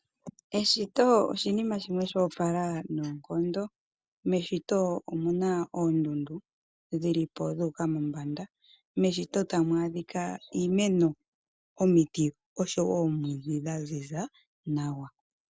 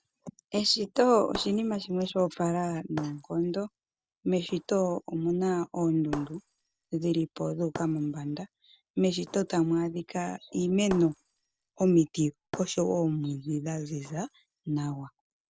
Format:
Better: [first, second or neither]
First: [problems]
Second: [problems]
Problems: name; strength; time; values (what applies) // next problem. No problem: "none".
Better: first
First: none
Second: background sound (Shatter); 19 dB below the speech